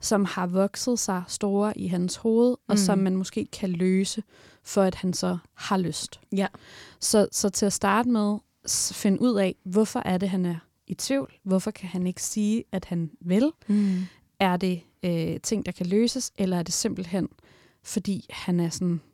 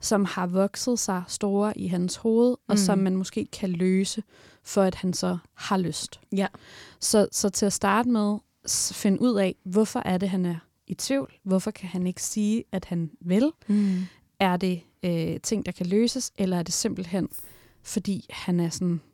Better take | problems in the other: first | jangling keys; faint; at 17 s; peak 15 dB below the speech

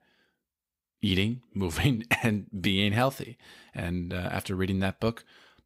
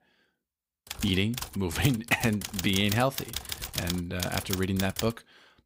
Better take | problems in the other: first | keyboard typing; noticeable; from 1 to 5 s; peak 4 dB below the speech

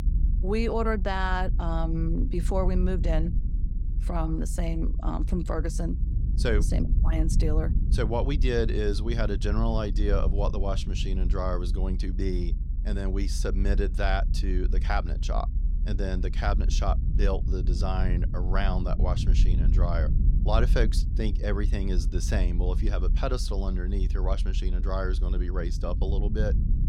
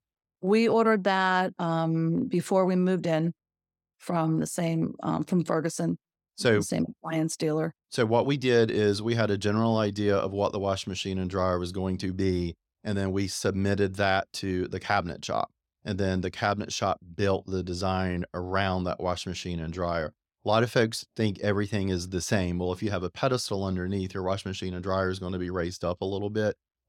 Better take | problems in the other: second | low rumble; noticeable; throughout; 15 dB below the speech

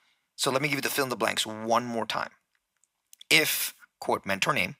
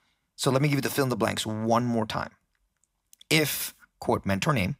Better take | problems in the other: second | thin; somewhat; fading below 1 kHz

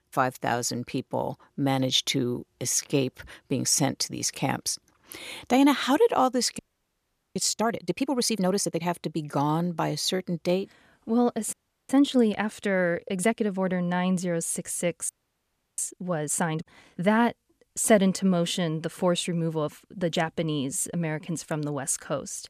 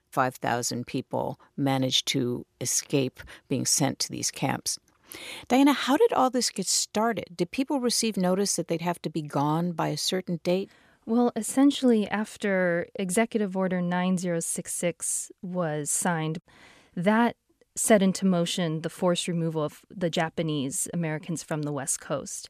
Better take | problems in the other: second | audio freezing; at 6.5 s for 1 s, at 12 s and at 15 s for 0.5 s

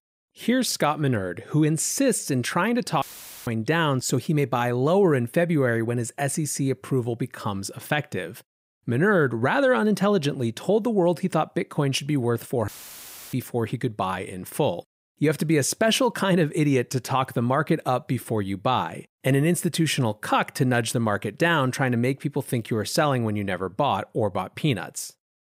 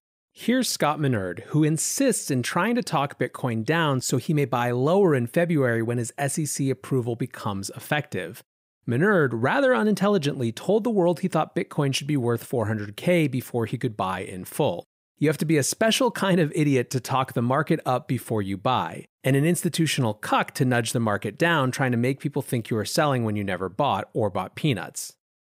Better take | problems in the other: second | audio cutting out; filled with static; at 3 s and at 13 s for 0.5 s

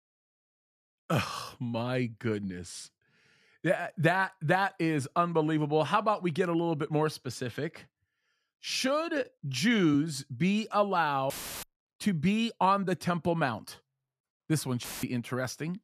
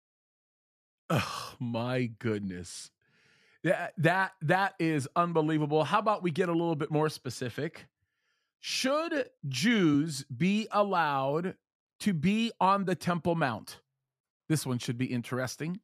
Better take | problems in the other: second | audio cutting out; filled with static; at 11 s and at 15 s

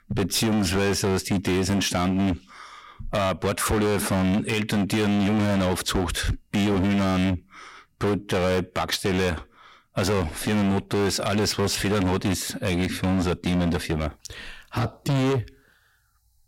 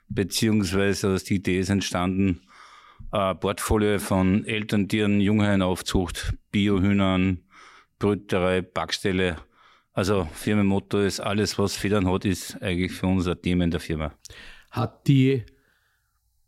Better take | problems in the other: second | distortion; heavy; 25% of the sound clipped

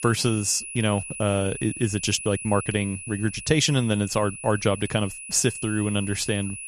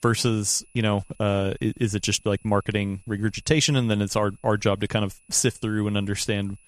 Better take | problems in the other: second | high-pitched whine; loud; throughout; 10 kHz, 10 dB below the speech; faint in the second

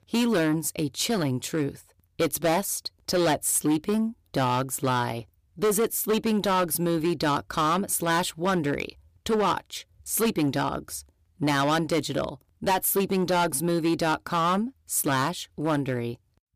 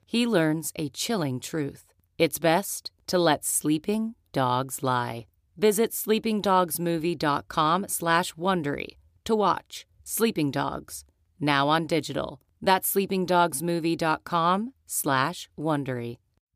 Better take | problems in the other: second | distortion; heavy; 9% of the sound clipped

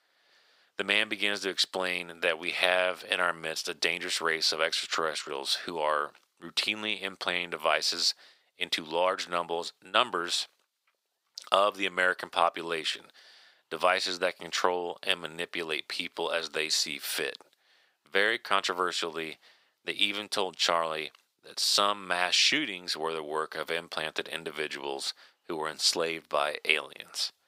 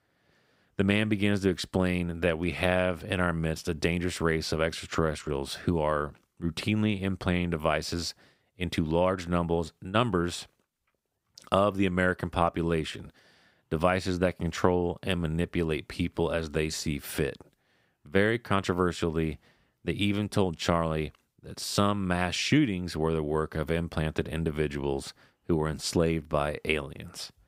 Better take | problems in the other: second | thin; very; fading below 650 Hz

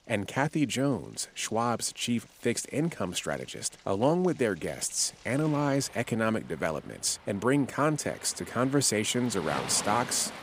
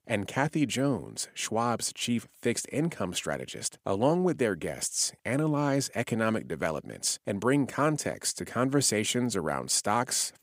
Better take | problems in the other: second | rain or running water; noticeable; throughout; 15 dB below the speech

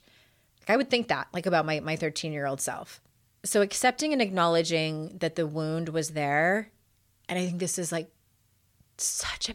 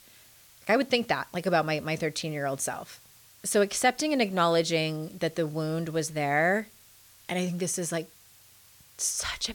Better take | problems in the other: first | hiss; faint; throughout; 25 dB below the speech

